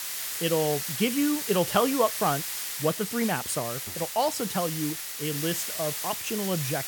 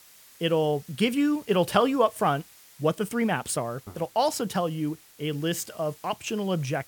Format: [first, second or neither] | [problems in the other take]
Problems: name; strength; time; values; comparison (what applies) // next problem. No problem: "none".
second | hiss; loud; throughout; 3 dB below the speech; faint in the second